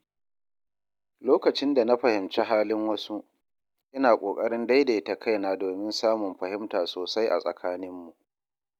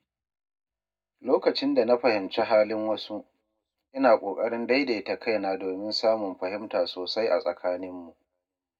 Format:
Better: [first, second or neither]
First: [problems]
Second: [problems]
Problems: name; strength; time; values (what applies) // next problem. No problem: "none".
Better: first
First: none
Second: room echo; dies away in 0.3 s